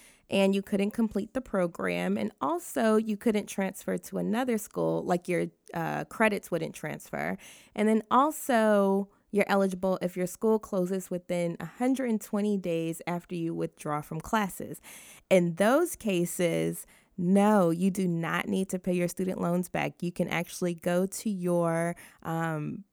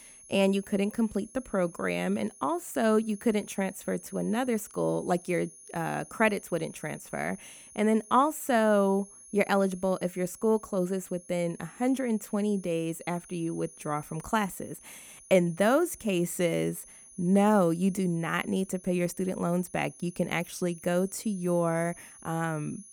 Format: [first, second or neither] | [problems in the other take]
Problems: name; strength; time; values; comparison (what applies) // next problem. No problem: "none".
first | high-pitched whine; faint; throughout; 10.5 kHz, 20 dB below the speech